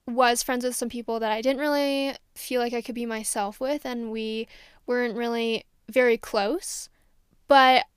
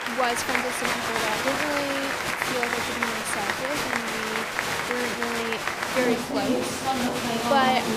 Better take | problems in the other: first | crowd noise; very loud; throughout; 3 dB above the speech

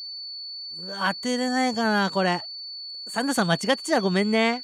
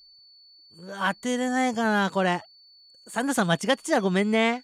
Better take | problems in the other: second | high-pitched whine; loud; throughout; 4.5 kHz, 10 dB below the speech; faint in the second

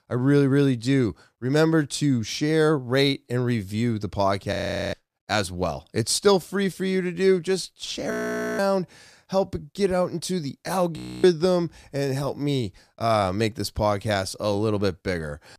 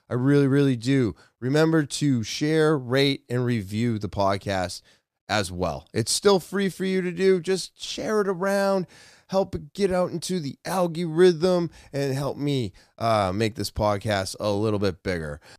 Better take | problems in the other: second | audio freezing; at 4.5 s, at 8 s and at 11 s

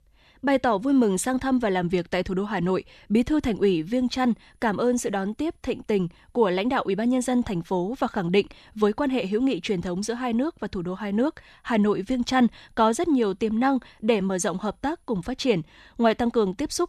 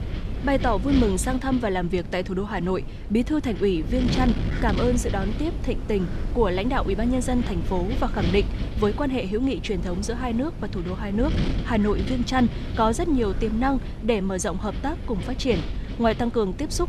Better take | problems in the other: first | wind noise on the microphone; occasional gusts; 10 dB below the speech

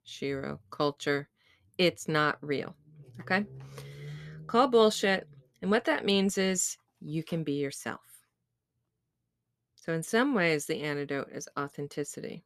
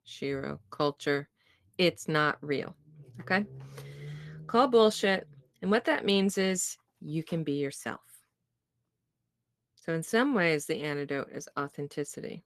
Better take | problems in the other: first | garbled, watery; slightly; nothing above 13.5 kHz

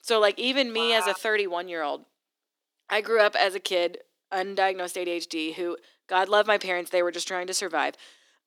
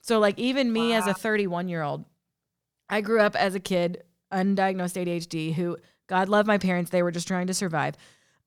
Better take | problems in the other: second | thin; somewhat; fading below 300 Hz

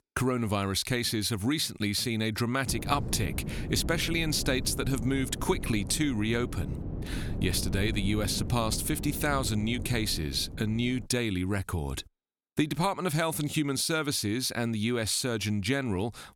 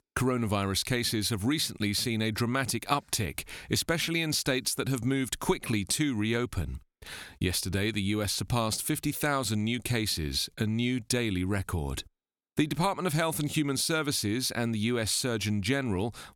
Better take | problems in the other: second | wind noise on the microphone; occasional gusts; from 2.5 to 11 s; 15 dB below the speech

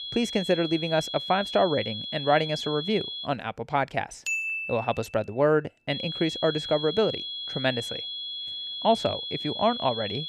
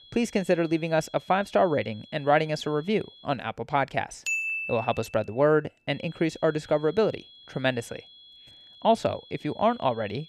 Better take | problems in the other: second | high-pitched whine; loud; until 3.5 s and from 6 s on; 3.5 kHz, 6 dB below the speech; faint in the second

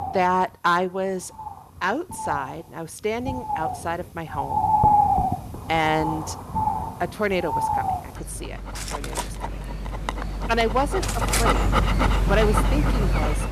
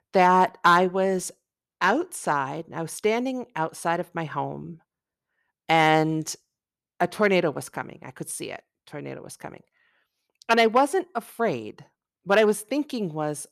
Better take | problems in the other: second | animal sounds; very loud; throughout; 1 dB above the speech

